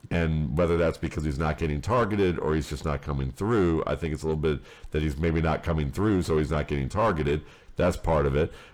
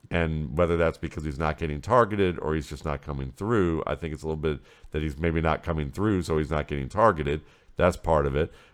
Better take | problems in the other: second | distortion; heavy; 6 dB below the speech

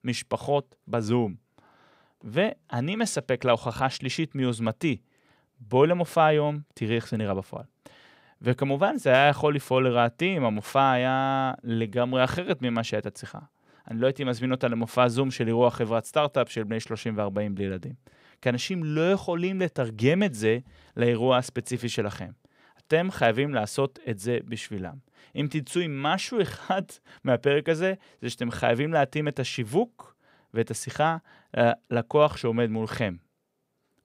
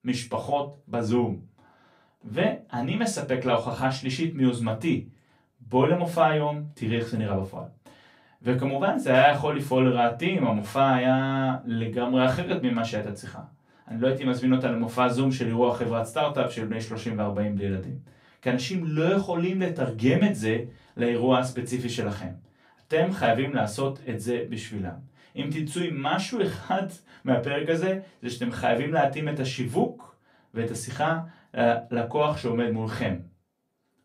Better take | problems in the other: first | off-mic speech; far // room echo; very slight; dies away in 0.2 s

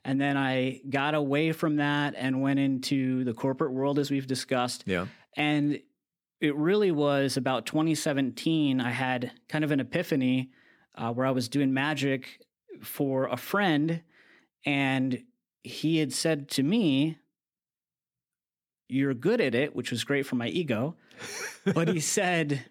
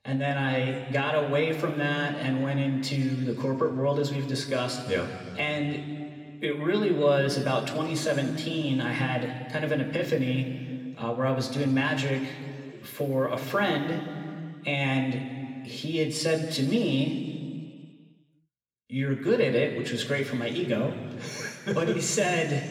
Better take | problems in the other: first | room echo; slight; dies away in 2.2 s // off-mic speech; somewhat distant

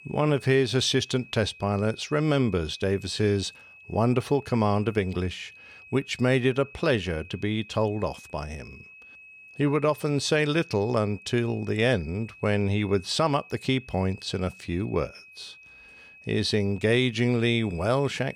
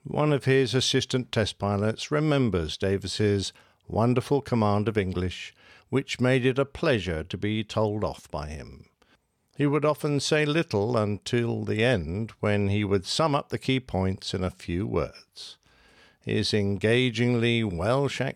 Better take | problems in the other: second | high-pitched whine; faint; throughout; 2.5 kHz, 20 dB below the speech

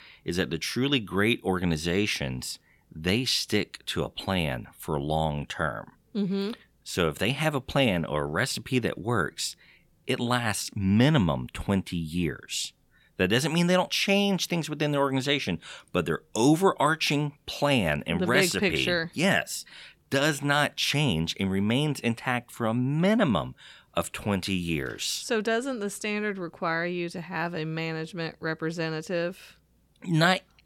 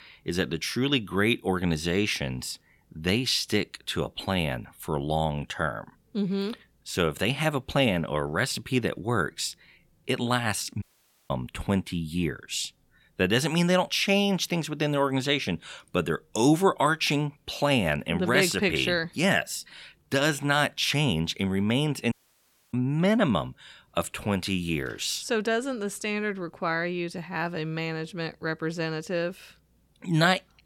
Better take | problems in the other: first | audio cutting out; at 11 s and at 22 s for 0.5 s

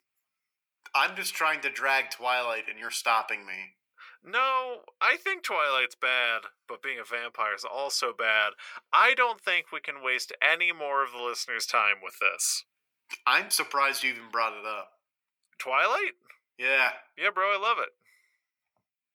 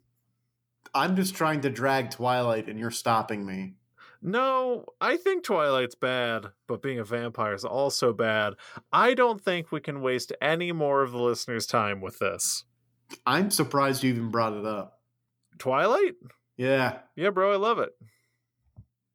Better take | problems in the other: second | thin; very; fading below 800 Hz

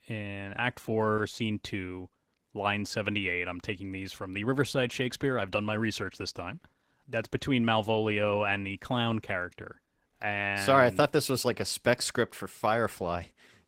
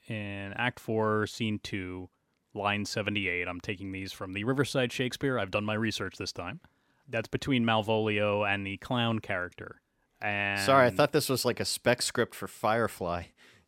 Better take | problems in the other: second | garbled, watery; slightly; nothing above 16 kHz

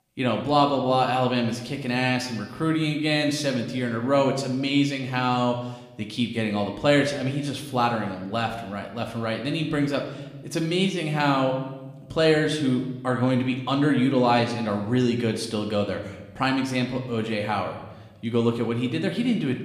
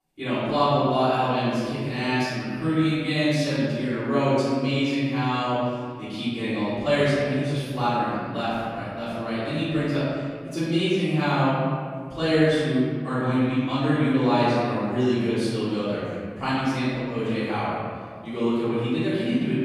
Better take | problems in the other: first | room echo; strong; dies away in 1.9 s; slight in the first // off-mic speech; far

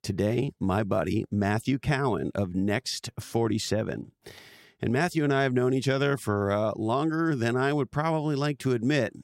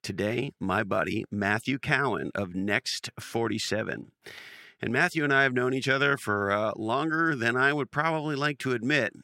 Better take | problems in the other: first | thin; very slightly; fading below 300 Hz

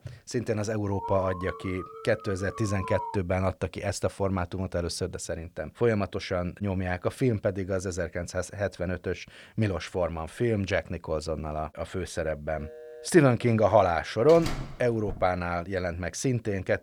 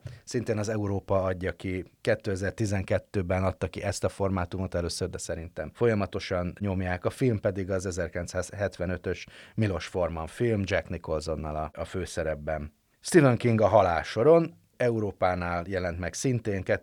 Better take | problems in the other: second | alarm; noticeable; from 1 to 3 s; peak 7 dB below the speech // phone ringing; faint; at 13 s; peak 15 dB below the speech // door banging; noticeable; at 14 s; peak 7 dB below the speech

